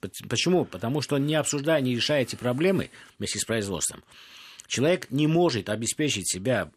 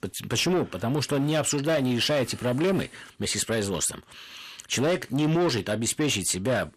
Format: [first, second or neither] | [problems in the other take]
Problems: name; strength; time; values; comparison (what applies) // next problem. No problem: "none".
first | distortion; slight; 10 dB below the speech